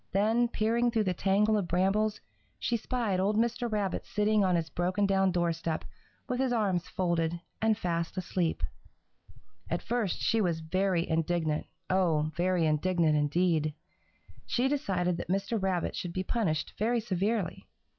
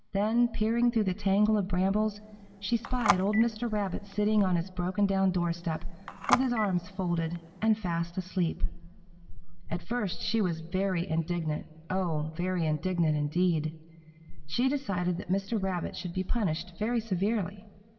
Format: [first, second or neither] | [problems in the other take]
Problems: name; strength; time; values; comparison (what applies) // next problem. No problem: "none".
first | background sound (Telephone); 8 dB below the speech // room echo; dies away in 2.7 s